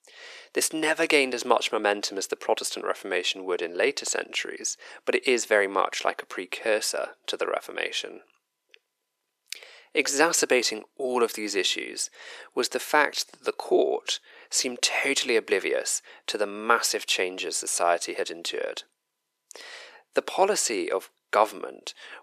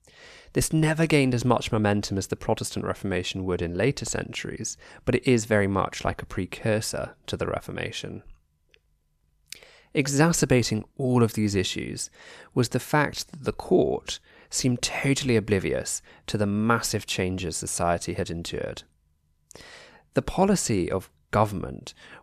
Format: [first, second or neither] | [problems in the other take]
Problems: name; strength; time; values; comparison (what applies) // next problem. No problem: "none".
second | thin; very; fading below 350 Hz